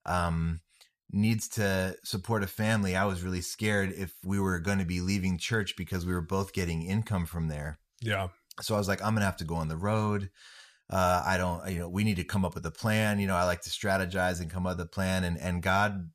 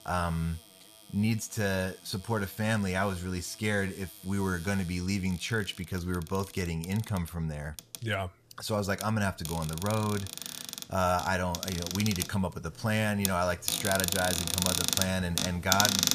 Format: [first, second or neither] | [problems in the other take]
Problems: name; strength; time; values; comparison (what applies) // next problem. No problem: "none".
first | household noises; loud; throughout; 1 dB below the speech